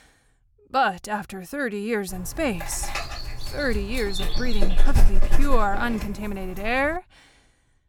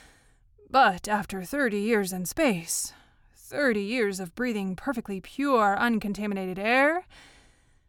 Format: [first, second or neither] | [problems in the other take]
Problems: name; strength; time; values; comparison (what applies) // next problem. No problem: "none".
second | dog barking; loud; from 3 to 6.5 s; peak 5 dB above the speech